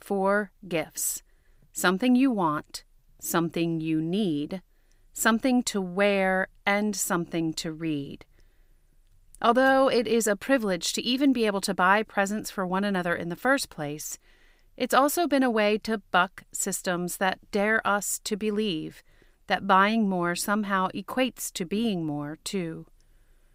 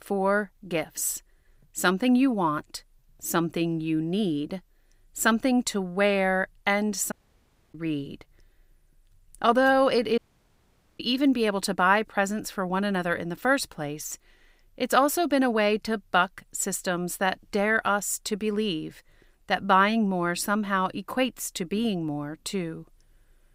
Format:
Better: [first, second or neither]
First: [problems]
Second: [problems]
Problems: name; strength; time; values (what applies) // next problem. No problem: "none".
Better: first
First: none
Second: audio cutting out; at 7 s for 0.5 s and at 10 s for 1 s